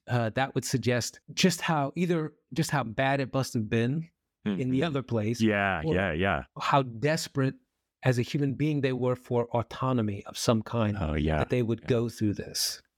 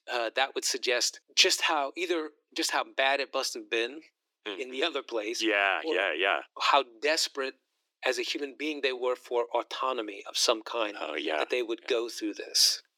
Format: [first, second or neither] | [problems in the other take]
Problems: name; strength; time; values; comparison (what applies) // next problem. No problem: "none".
first | thin; very; fading below 300 Hz